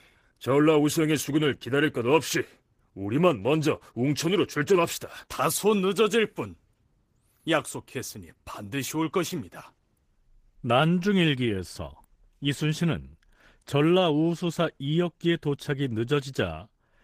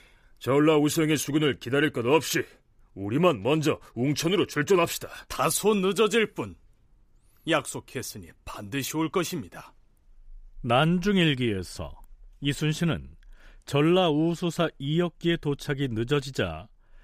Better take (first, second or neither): second